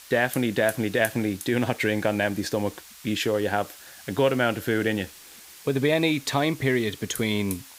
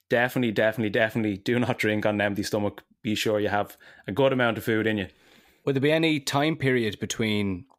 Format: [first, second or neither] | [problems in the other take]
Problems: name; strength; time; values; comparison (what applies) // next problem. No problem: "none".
second | hiss; noticeable; throughout; 15 dB below the speech